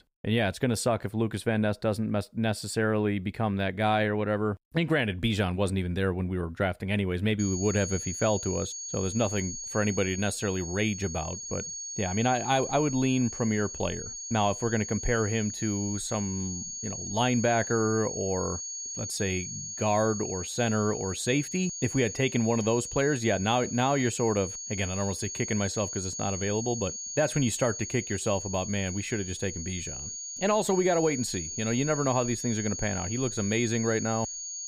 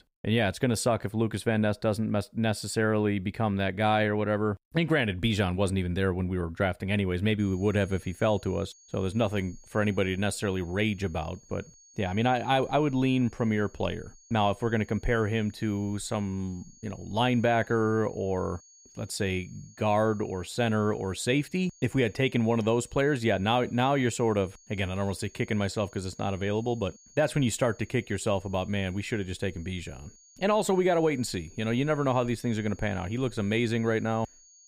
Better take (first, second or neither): second